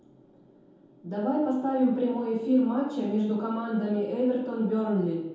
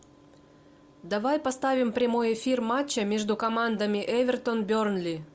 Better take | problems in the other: second | room echo; dies away in 0.8 s

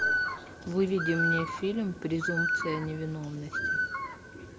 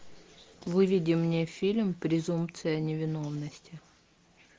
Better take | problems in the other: second | background sound (Bird); as loud as the speech

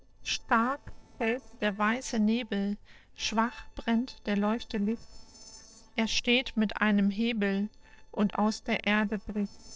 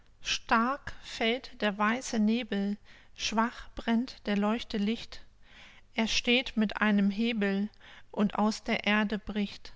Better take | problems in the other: second | noise reduction (neural separator model SepFormer DNS4)

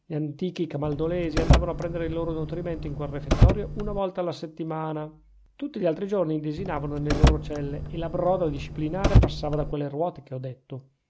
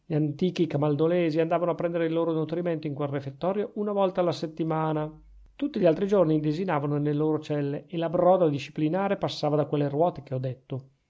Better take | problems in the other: second | background sound (Car); 5 dB above the speech

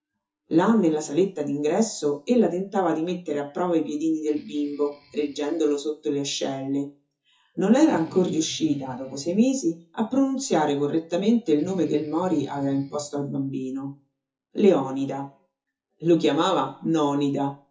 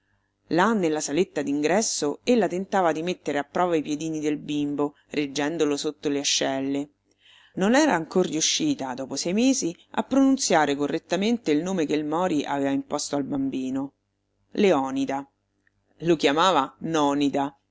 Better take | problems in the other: second | noise reduction (classical method WPE with log-MMSE)

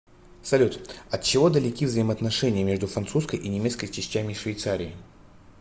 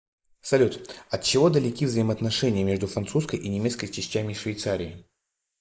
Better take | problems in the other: first | noise reduction (neural mask model Resemble Enhance denoiser)

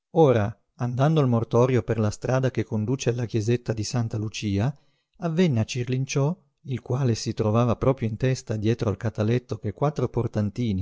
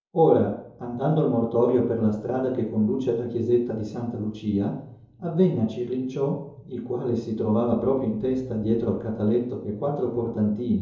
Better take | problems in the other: first | room echo; dies away in 2.8 s

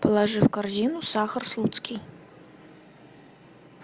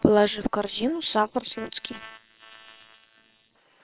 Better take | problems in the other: first | noise reduction (neural separator model SepFormer WHAM!)

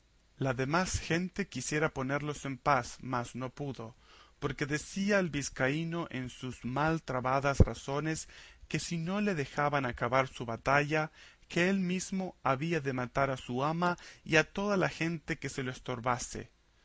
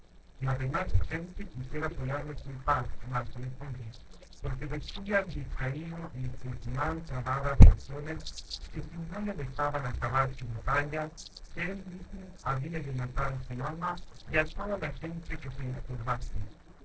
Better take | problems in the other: first | noise reduction (neural separator model SepFormer DNS4)

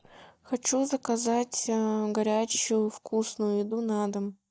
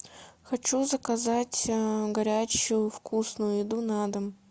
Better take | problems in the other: second | noise reduction (neural mask model DeepFilterNet 3)

